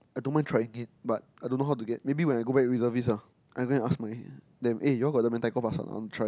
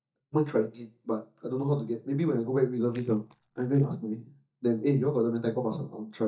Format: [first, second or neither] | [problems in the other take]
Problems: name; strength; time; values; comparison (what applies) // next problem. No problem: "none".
first | noise reduction (neural mask model DeepFilterNet 3)